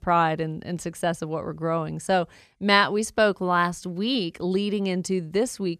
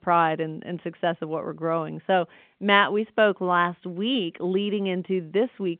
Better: first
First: none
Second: phone-call audio; nothing above 3 kHz

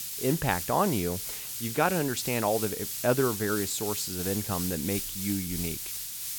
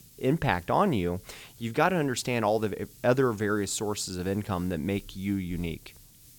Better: second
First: hiss; loud; throughout; 3 dB below the speech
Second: hiss; faint; throughout; 25 dB below the speech

